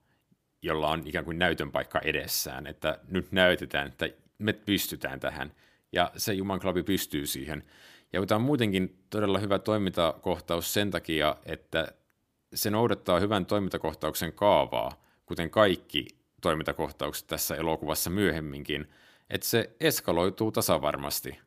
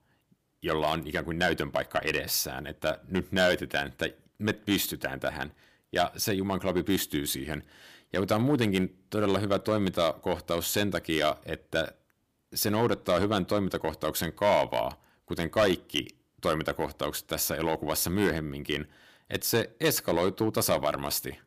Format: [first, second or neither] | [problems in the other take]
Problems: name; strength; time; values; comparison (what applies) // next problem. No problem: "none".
first | distortion; slight; 2% of the sound clipped